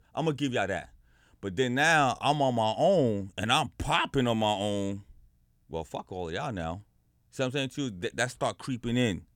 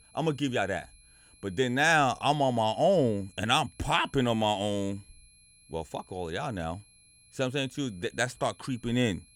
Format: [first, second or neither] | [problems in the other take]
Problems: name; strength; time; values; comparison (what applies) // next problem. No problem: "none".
first | high-pitched whine; faint; throughout; 11 kHz, 30 dB below the speech